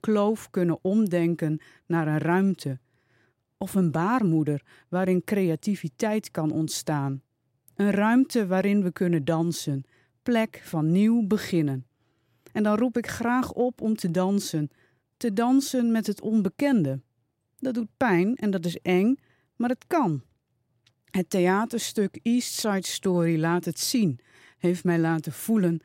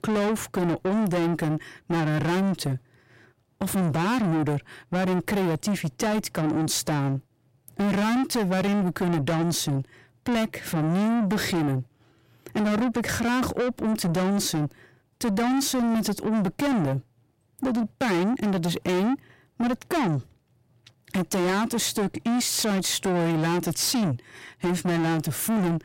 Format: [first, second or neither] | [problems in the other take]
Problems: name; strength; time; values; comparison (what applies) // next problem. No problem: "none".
first | distortion; heavy; 6 dB below the speech